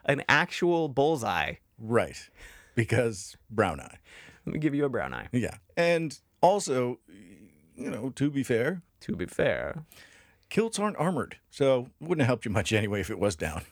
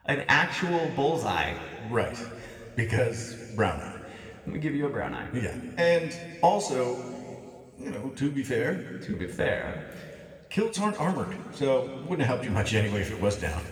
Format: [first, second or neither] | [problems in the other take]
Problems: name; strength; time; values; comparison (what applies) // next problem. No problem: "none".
first | room echo; noticeable; dies away in 2.1 s // off-mic speech; somewhat distant